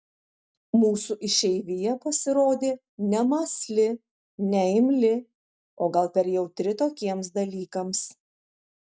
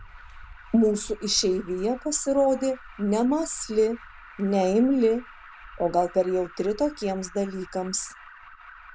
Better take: first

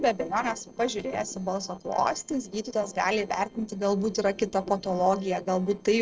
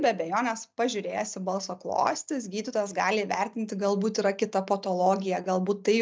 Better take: second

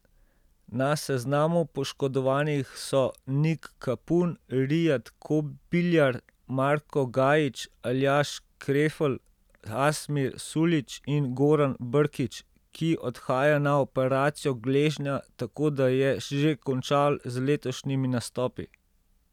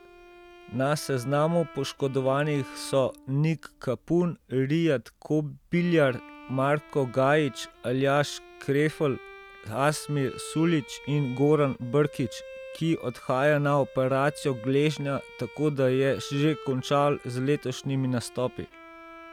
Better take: first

